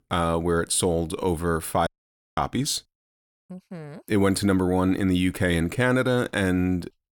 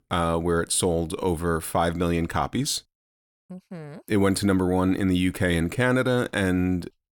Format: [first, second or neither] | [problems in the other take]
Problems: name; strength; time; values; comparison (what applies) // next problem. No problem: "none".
second | audio cutting out; at 2 s for 0.5 s